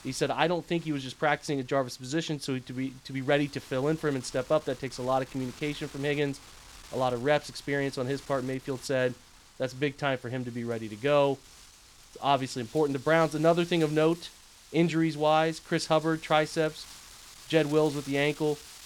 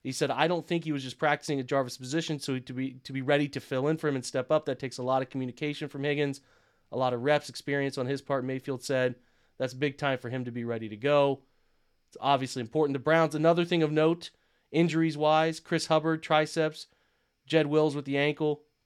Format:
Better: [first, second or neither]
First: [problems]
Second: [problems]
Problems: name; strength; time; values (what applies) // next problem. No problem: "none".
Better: second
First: wind noise on the microphone; occasional gusts; 20 dB below the speech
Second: none